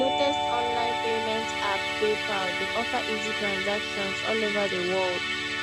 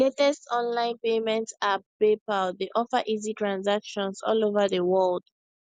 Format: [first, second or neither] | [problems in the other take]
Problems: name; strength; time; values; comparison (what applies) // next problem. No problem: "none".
second | background sound (Musical instrument); 2 dB above the speech